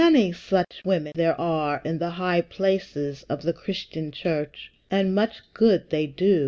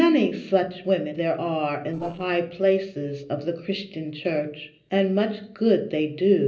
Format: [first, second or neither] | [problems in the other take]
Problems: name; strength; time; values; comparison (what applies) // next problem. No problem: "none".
first | noise reduction (neural separator model SepFormer DNS4)